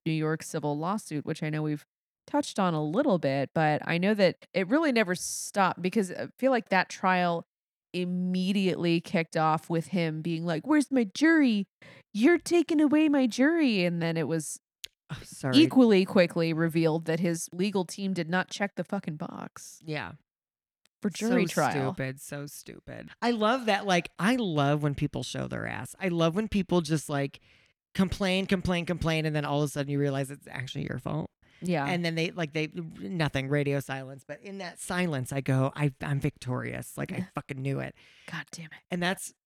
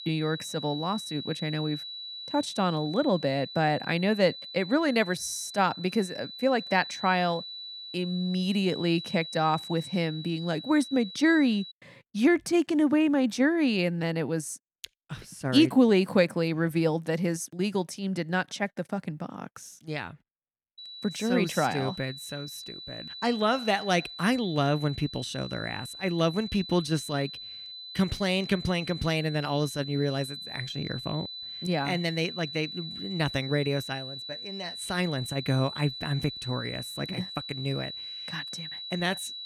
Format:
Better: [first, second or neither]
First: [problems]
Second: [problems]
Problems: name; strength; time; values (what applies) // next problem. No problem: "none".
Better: first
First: none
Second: high-pitched whine; noticeable; until 12 s and from 21 s on; 4 kHz, 10 dB below the speech